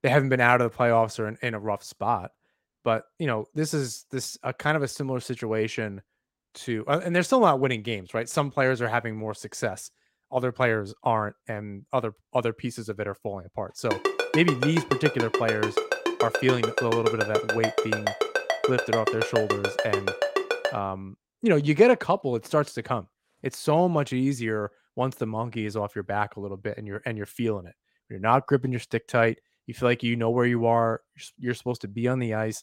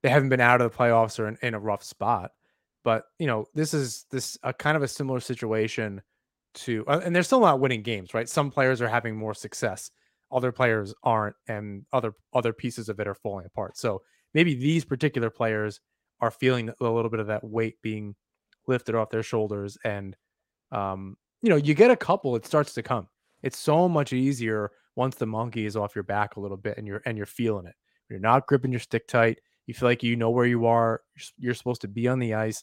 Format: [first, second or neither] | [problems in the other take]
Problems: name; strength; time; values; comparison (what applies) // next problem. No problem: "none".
second | phone ringing; loud; from 14 to 21 s; peak level with the speech